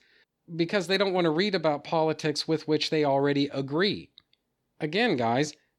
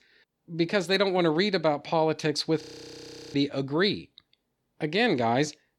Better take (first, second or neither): first